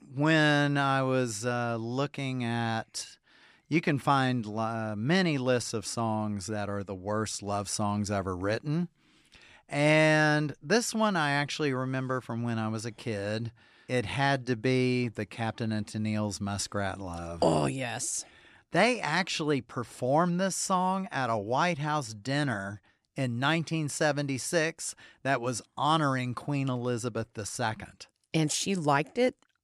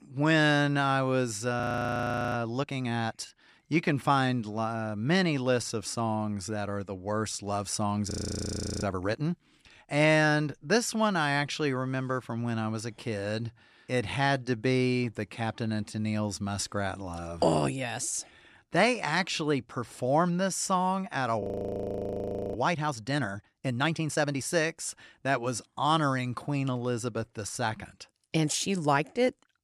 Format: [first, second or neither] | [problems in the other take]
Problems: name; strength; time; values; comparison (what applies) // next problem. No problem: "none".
first | audio freezing; at 1.5 s for 0.5 s, at 8 s for 0.5 s and at 21 s for 1 s